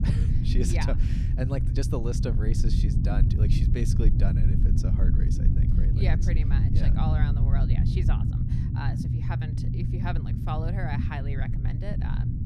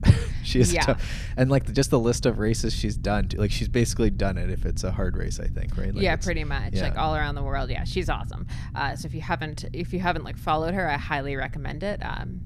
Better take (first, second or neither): second